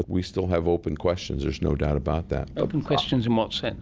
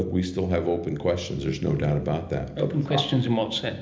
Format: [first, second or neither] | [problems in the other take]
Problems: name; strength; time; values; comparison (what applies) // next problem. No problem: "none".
first | room echo; dies away in 0.8 s